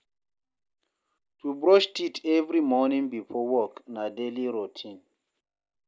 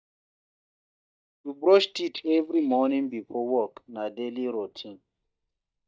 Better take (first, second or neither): first